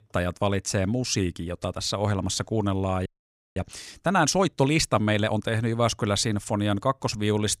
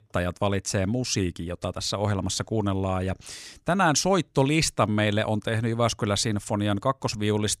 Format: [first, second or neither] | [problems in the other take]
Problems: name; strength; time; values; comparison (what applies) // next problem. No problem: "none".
second | audio freezing; at 3 s for 0.5 s